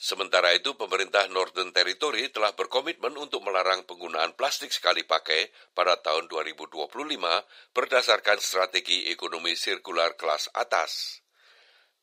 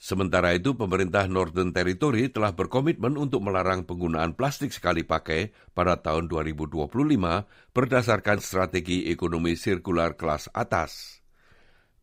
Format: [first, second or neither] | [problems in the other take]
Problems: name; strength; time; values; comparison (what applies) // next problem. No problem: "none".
second | thin; very; fading below 500 Hz